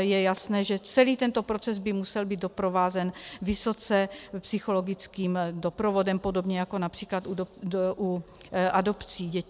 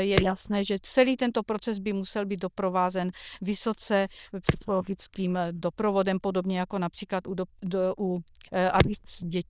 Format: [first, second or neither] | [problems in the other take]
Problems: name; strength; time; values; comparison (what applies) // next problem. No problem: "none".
first | noise reduction (neural diffusion model UNIVERSE++)